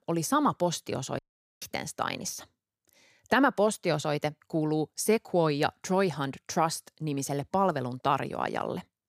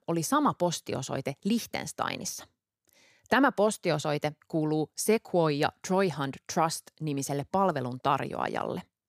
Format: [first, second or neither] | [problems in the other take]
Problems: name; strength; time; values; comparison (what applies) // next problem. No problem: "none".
second | audio cutting out; at 1 s